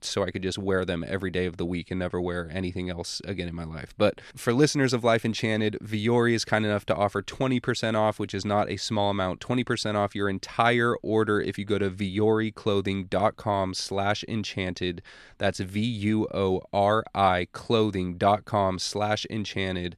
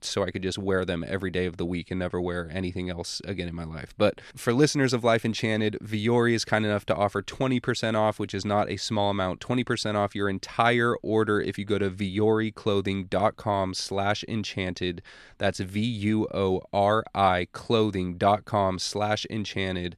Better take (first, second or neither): neither